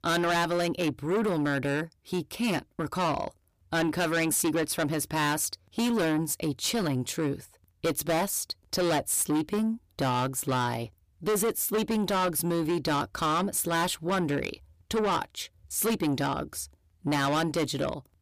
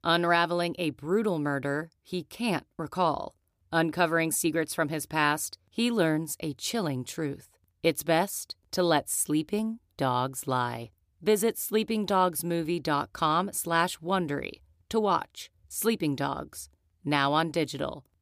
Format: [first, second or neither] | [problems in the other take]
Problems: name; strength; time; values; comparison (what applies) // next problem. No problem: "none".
second | distortion; heavy; 6 dB below the speech